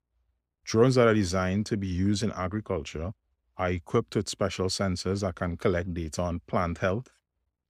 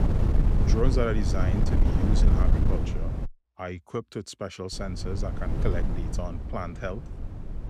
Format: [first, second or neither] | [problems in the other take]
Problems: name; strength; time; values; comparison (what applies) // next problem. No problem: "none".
first | wind noise on the microphone; heavy; until 3.5 s and from 4.5 s on; 3 dB below the speech